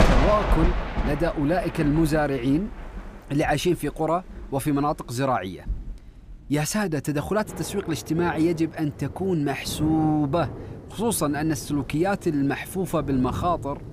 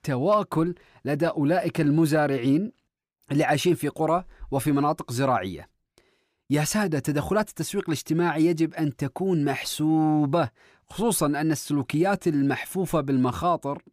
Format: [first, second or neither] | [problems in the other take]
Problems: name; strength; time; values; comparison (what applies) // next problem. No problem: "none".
second | rain or running water; loud; throughout; 8 dB below the speech